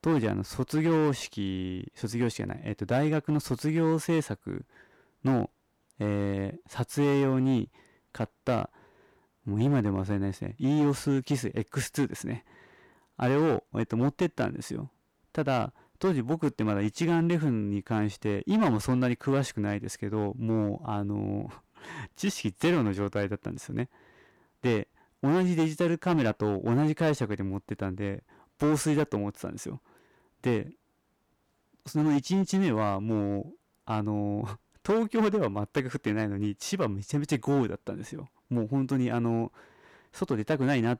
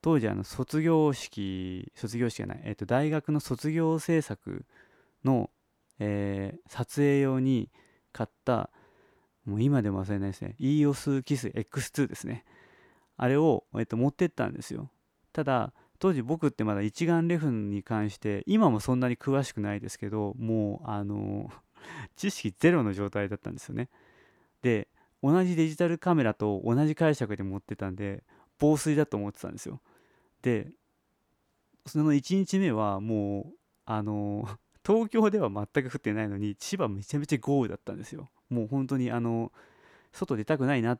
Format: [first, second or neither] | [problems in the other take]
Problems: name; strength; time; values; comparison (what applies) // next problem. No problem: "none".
second | distortion; slight; 7% of the sound clipped